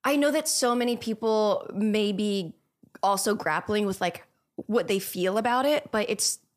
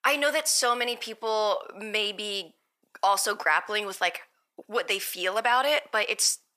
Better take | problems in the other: first | thin; very; fading below 650 Hz

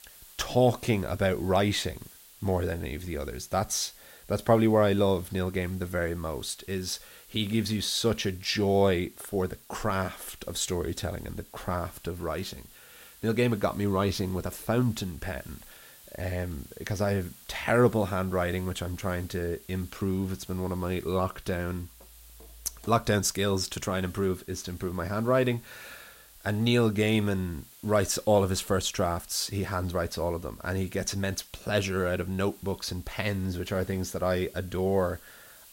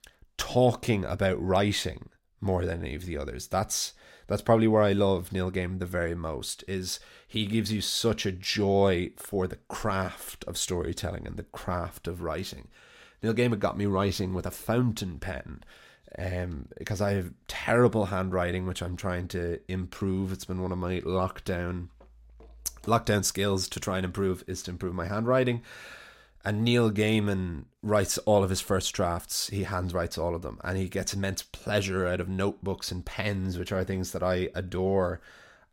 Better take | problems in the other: second | hiss; faint; throughout; 20 dB below the speech

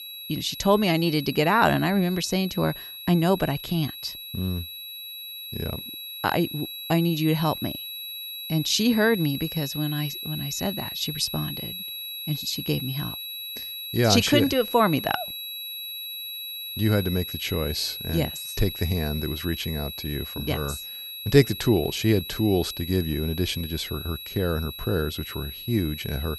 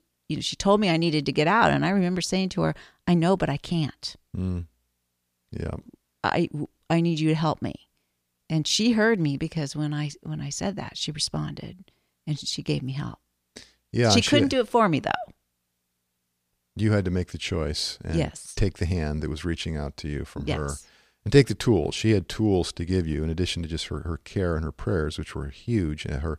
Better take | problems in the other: second | high-pitched whine; loud; throughout; 4 kHz, 8 dB below the speech

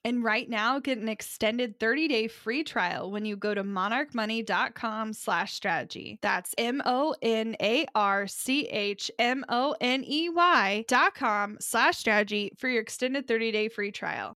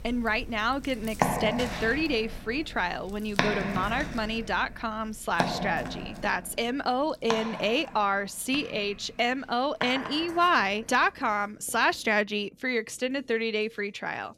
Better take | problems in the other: first | household noises; loud; throughout; 6 dB below the speech

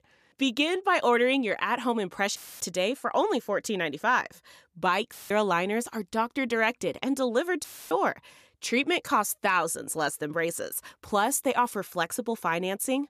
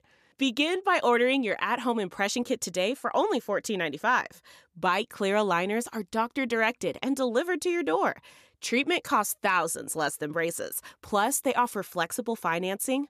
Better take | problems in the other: second | audio cutting out; filled with static; at 2.5 s, at 5 s and at 7.5 s

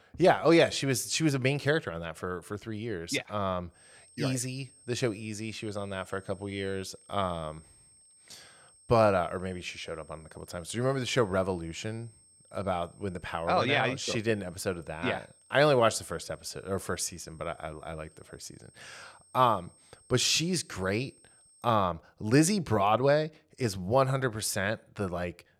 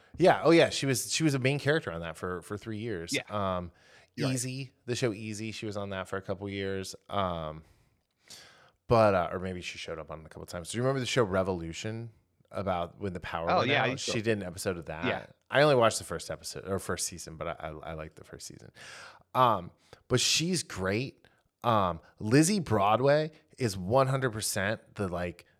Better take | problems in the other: second | high-pitched whine; faint; from 4 to 22 s; 8.5 kHz, 30 dB below the speech

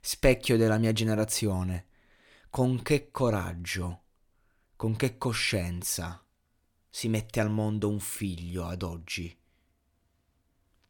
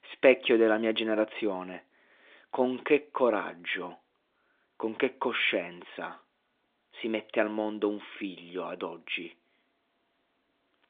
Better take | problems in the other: first | phone-call audio; nothing above 3.5 kHz

